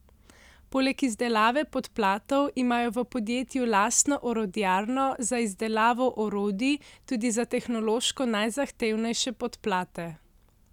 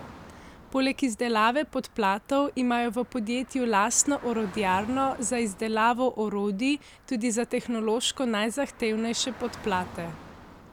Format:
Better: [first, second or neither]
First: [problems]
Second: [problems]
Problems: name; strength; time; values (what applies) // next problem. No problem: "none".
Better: first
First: none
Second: background sound (Traffic noise, roadway noise / Car); 20 dB below the speech